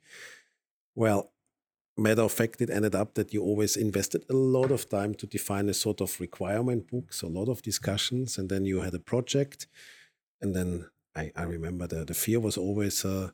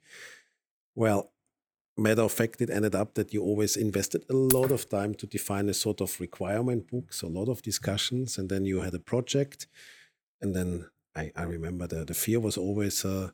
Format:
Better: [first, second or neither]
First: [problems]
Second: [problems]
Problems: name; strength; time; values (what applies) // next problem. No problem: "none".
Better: first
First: none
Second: jangling keys; loud; at 4.5 s; peak 1 dB above the speech